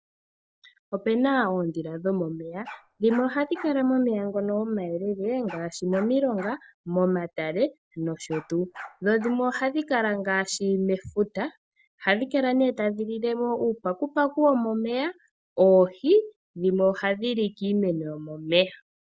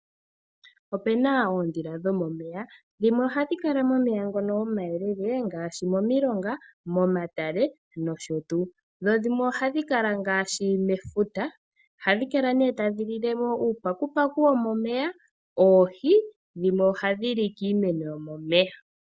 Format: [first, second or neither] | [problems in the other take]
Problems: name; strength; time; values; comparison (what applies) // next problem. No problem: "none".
second | background sound (Bark); 19 dB below the speech